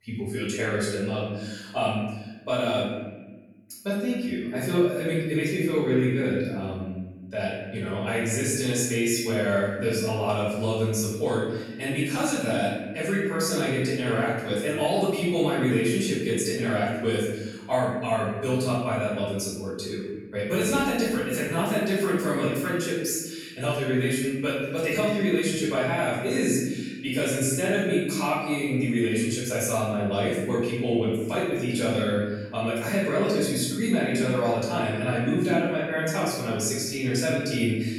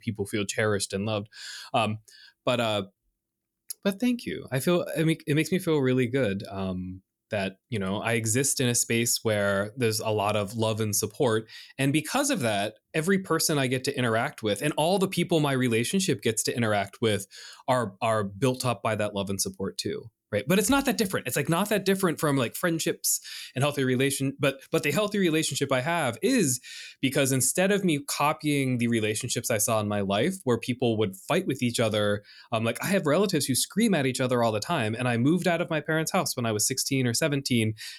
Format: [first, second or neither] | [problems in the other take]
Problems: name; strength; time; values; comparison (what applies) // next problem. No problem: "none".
second | room echo; strong; dies away in 1.2 s // off-mic speech; far